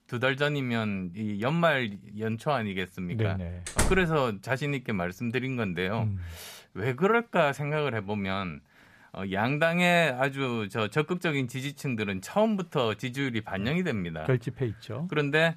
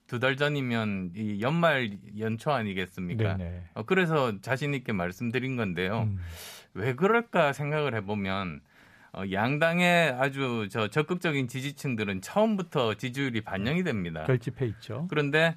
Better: second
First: door banging; noticeable; at 3.5 s; peak level with the speech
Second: none

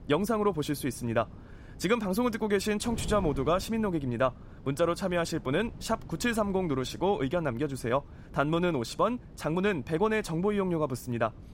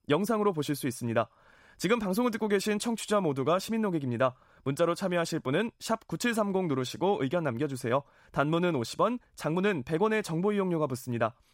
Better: second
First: wind noise on the microphone; occasional gusts; 25 dB below the speech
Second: none

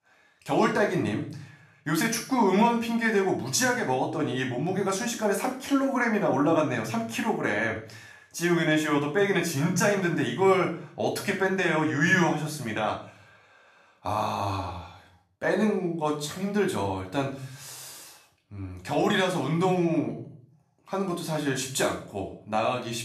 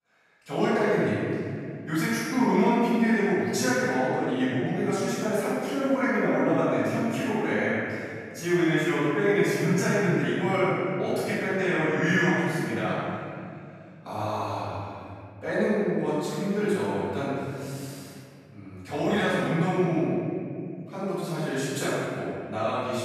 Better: first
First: room echo; slight; dies away in 0.5 s // off-mic speech; somewhat distant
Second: room echo; strong; dies away in 2.6 s // off-mic speech; far

